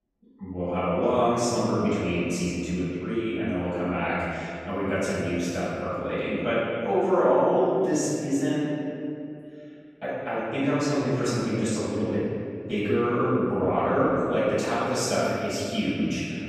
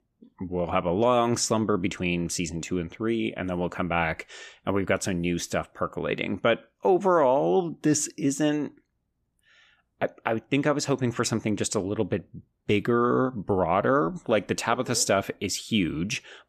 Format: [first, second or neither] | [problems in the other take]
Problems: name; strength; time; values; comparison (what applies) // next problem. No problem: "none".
second | off-mic speech; far // room echo; strong; dies away in 2.3 s